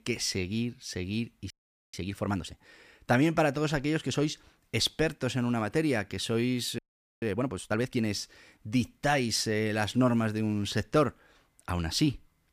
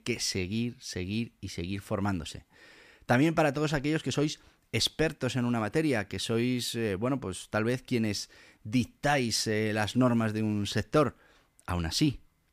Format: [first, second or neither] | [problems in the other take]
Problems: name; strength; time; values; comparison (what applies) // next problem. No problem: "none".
second | audio freezing; at 1.5 s and at 7 s